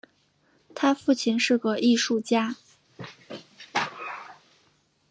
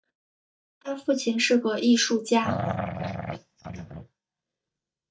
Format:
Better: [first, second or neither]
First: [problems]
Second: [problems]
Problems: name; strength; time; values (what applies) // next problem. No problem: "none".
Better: first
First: none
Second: noise reduction (neural mask model DeepFilterNet 3)